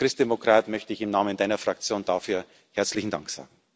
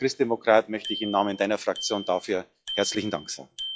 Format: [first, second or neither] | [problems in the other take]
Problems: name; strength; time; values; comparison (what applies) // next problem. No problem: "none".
first | noise reduction (classical method log-MMSE)